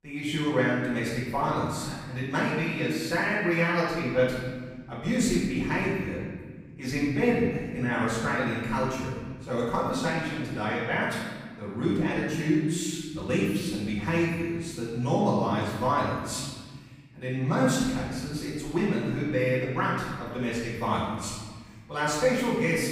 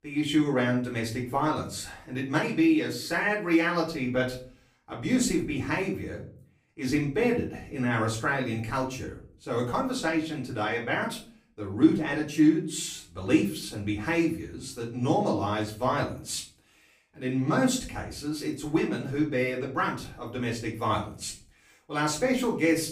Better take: second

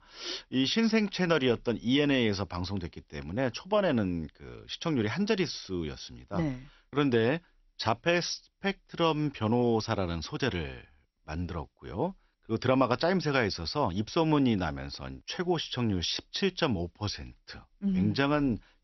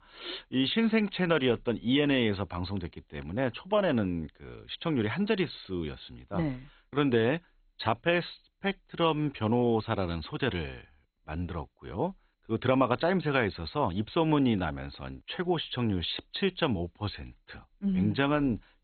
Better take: first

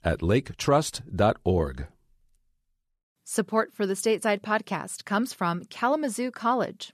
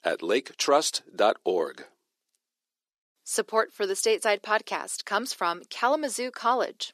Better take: first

